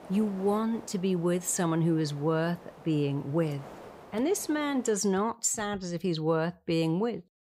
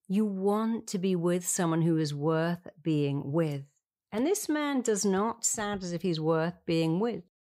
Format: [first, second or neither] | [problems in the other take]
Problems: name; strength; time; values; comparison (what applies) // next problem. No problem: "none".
second | hiss; noticeable; until 5 s; 20 dB below the speech